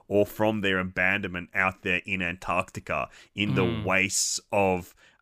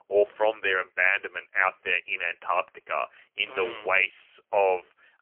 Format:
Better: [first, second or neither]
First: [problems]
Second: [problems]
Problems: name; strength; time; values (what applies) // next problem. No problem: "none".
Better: first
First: none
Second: phone-call audio; poor line; nothing above 3 kHz